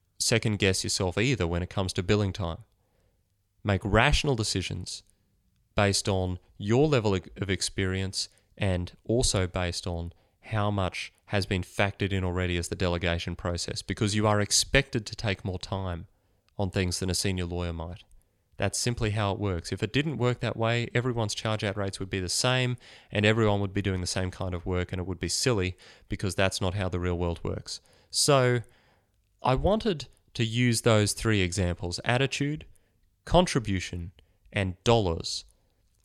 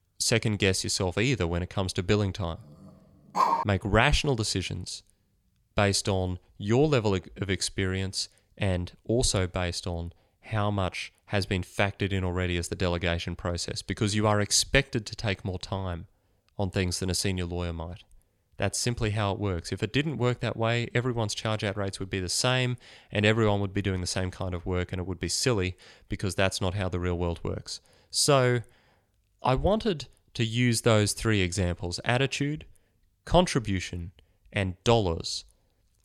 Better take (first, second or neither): first